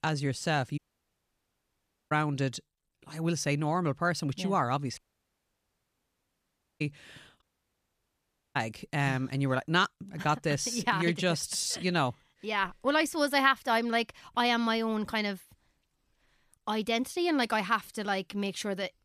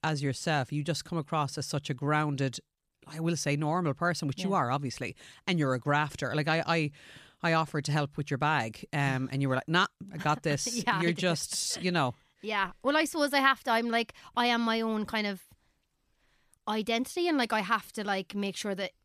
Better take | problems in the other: second | audio cutting out; at 1 s for 1.5 s, at 5 s for 2 s and at 7.5 s for 1 s

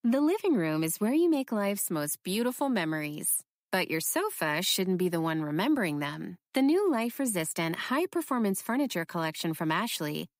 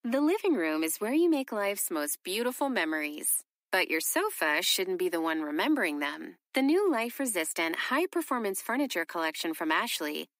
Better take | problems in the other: first | thin; very slightly; fading below 250 Hz

